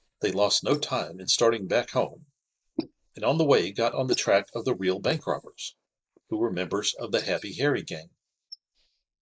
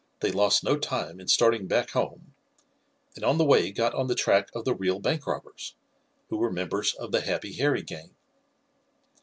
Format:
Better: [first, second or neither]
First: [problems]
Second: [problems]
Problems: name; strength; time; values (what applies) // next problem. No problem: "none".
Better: second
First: noise reduction (neural mask model Resemble Enhance denoiser)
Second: none